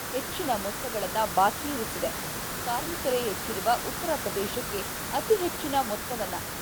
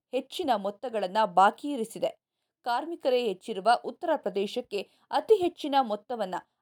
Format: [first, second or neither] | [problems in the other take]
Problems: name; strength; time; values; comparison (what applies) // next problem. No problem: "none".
second | hiss; loud; throughout; 2 dB below the speech